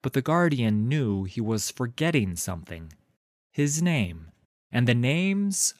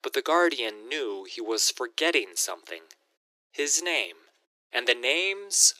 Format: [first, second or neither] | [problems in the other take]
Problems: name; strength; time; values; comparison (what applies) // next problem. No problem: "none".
first | thin; very; fading below 350 Hz